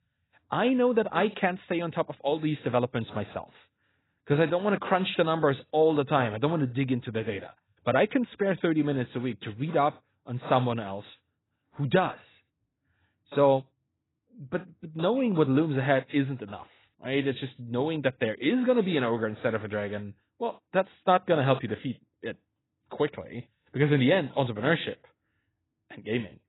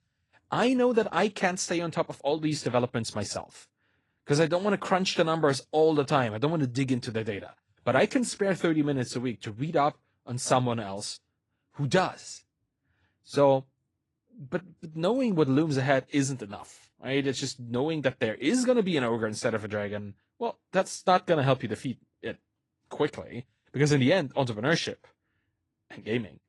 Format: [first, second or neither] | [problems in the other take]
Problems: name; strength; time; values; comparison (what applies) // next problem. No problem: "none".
second | garbled, watery; badly; nothing above 4 kHz; slightly in the second